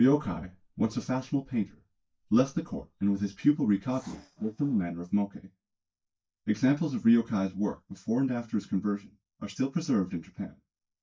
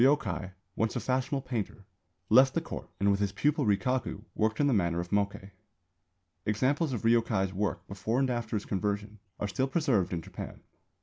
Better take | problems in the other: second | noise reduction (neural mask model DeepFilterNet 3)

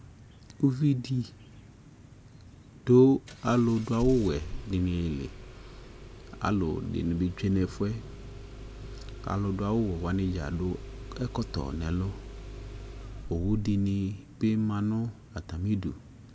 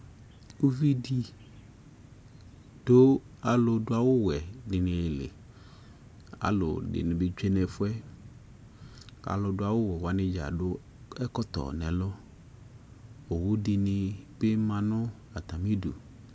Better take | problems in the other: second | background sound (Engine starting); 13 dB below the speech

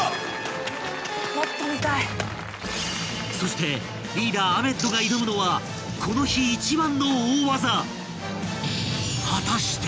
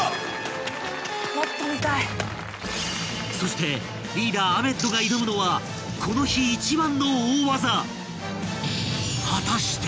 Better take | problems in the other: second | background sound (Fart); 19 dB below the speech

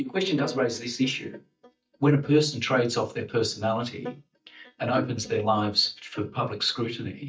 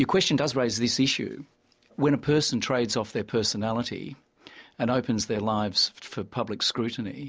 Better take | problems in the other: second | noise reduction (neural mask model DeepFilterNet 3)

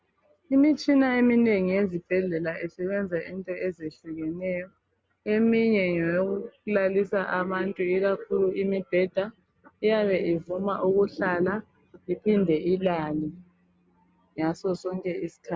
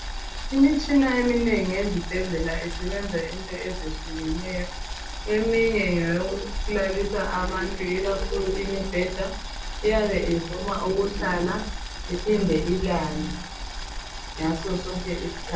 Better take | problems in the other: first | background sound (Boiling); 6 dB below the speech // room echo; dies away in 0.3 s

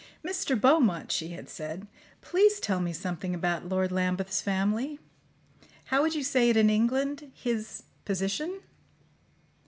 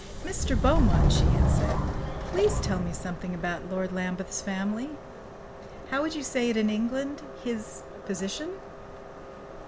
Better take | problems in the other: first | background sound (Subway, metro, underground); 2 dB above the speech

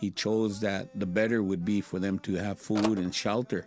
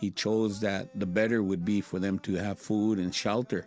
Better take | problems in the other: second | background sound (Telephone); 16 dB below the speech

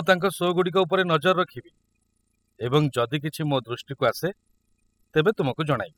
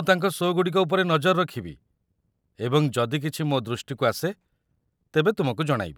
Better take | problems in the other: second | noise reduction (classical method spectral subtraction)

